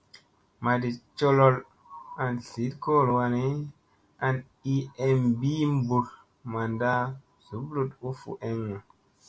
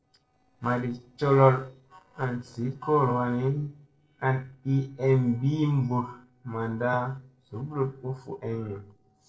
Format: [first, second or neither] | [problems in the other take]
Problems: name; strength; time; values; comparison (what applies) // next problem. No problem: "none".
first | noise reduction (neural separator model SepFormer DNS4)